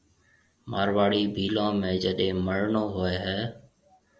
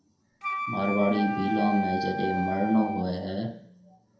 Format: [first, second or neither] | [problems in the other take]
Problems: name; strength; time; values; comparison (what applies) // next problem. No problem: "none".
first | background sound (Wind instrument, woodwind instrument); 3 dB below the speech // room echo; dies away in 0.5 s